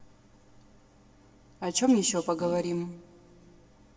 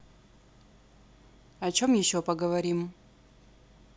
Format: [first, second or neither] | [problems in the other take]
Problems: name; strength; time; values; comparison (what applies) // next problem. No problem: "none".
second | background sound (Fart); 12 dB below the speech // room echo; dies away in 2.7 s